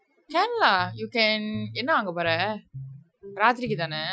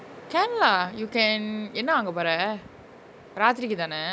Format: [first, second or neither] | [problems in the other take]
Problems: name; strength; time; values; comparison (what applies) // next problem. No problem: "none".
second | noise reduction (classical method Wiener filter)